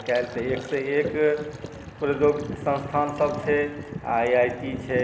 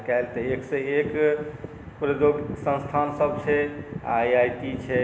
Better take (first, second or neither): second